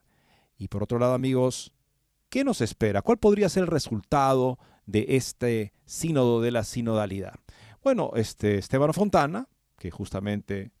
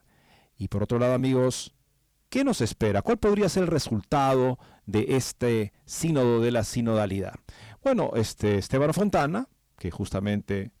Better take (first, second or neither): first